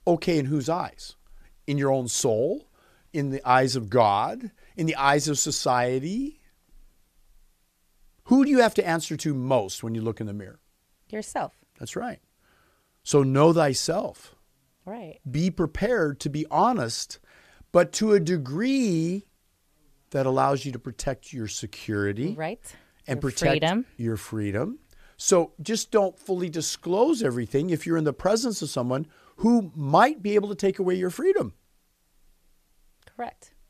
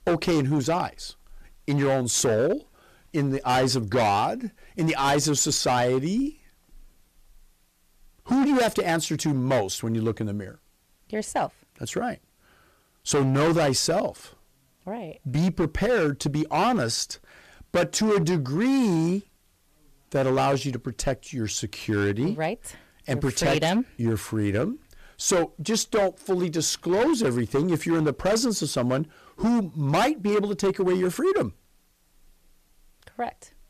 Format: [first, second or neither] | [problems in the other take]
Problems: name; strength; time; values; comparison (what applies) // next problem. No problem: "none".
first | distortion; heavy; 11% of the sound clipped